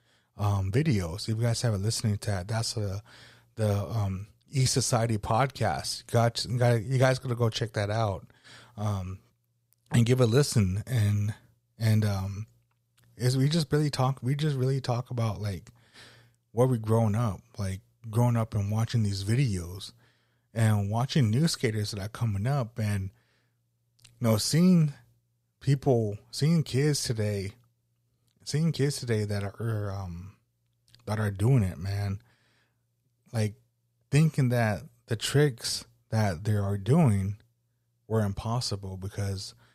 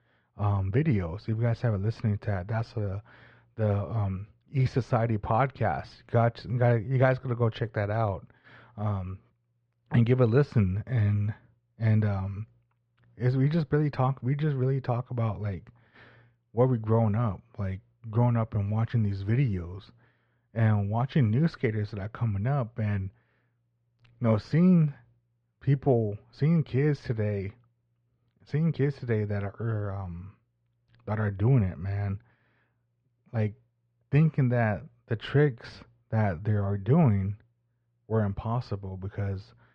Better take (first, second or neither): first